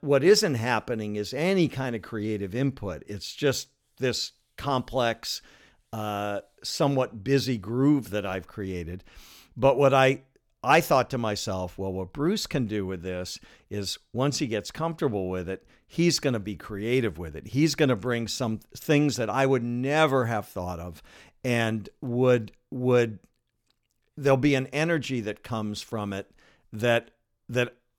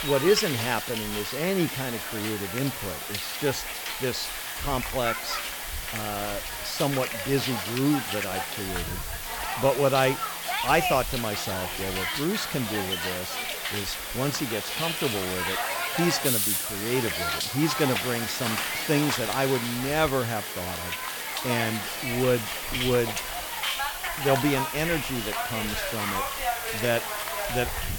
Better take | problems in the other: first | hiss; loud; throughout; 1 dB below the speech

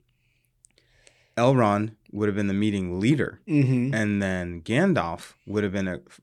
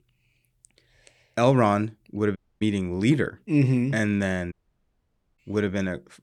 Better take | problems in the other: first | audio cutting out; at 2.5 s and at 4.5 s for 1 s

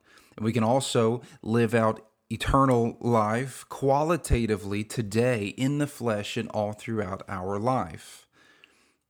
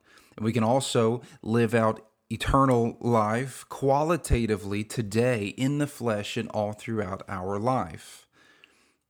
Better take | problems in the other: neither | none

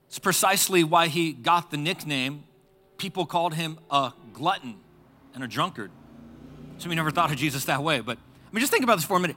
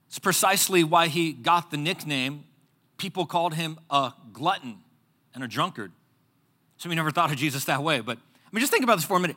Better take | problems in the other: second | traffic noise; faint; throughout; 25 dB below the speech

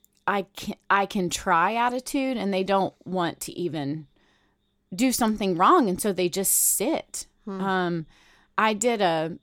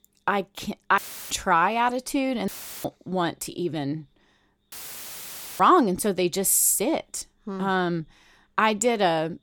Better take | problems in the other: first | audio cutting out; filled with static; at 1 s, at 2.5 s and at 4.5 s for 1 s

